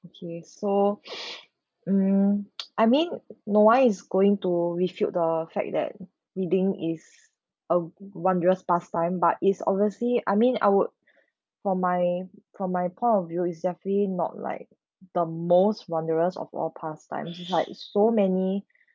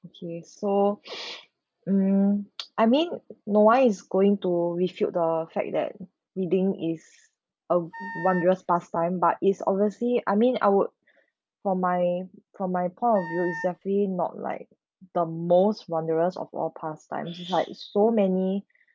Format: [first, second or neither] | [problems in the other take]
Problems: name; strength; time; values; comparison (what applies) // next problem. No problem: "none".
first | background sound (Wind instrument, woodwind instrument); 13 dB below the speech